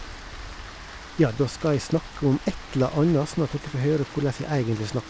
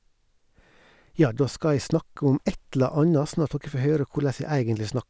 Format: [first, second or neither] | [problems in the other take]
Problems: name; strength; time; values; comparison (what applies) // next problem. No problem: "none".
second | background sound (Rain); 14 dB below the speech